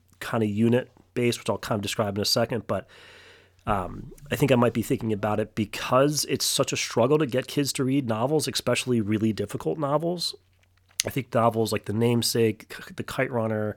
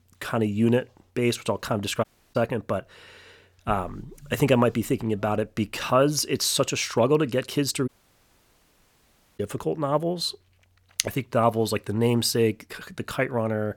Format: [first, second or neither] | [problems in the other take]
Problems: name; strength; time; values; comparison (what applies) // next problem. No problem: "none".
first | audio cutting out; at 2 s and at 8 s for 1.5 s